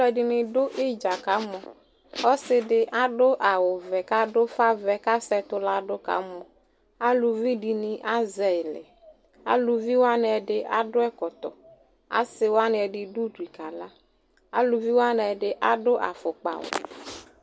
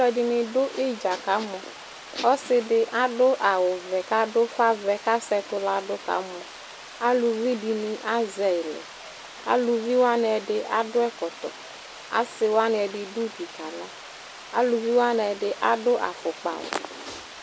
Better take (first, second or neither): first